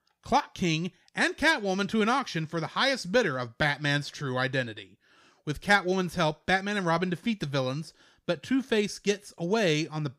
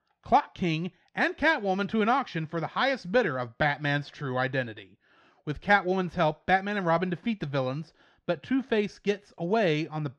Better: first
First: none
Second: muffled; slightly; fading above 3 kHz

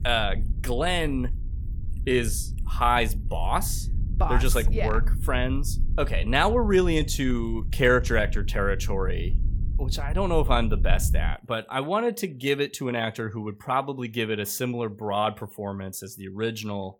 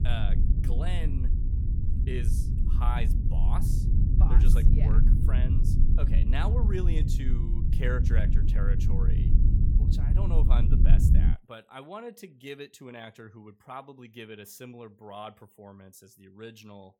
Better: first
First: low rumble; faint; until 11 s; 20 dB below the speech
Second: low rumble; loud; until 11 s; 1 dB below the speech

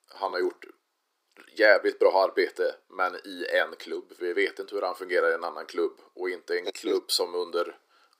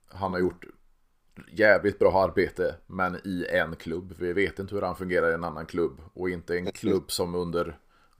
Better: second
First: thin; somewhat; fading below 300 Hz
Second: none

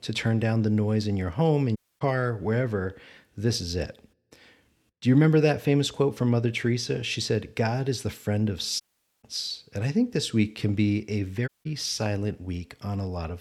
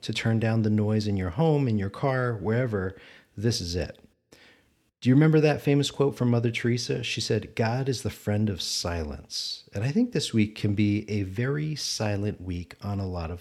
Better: second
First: audio cutting out; at 2 s, at 9 s and at 11 s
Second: none

